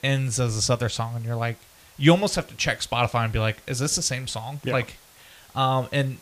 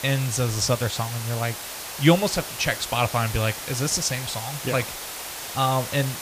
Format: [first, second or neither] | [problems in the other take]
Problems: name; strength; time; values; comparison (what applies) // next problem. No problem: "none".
first | hiss; loud; throughout; 8 dB below the speech; faint in the first